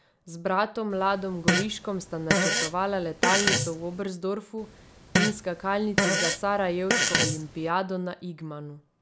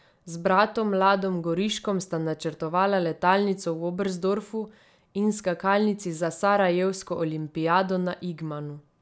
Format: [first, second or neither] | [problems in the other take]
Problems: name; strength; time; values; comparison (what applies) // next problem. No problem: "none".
second | background sound (Fart); 2 dB above the speech